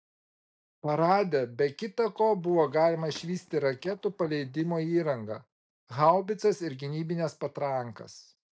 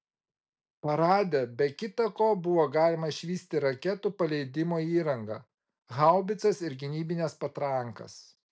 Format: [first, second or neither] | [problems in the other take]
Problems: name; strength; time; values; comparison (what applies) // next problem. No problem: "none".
second | noise reduction (neural mask model DeepFilterNet 3)